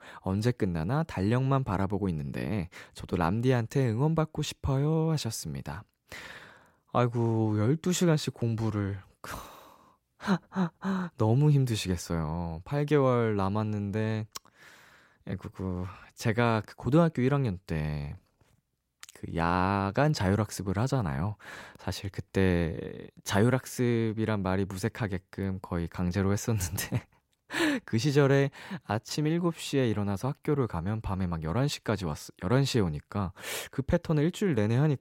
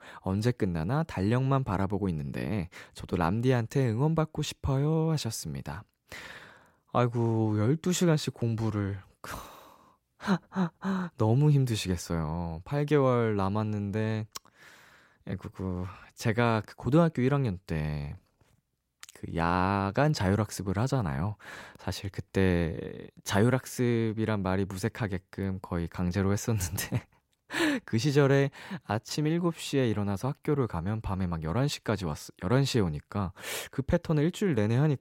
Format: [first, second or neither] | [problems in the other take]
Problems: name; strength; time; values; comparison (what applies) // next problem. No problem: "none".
neither | none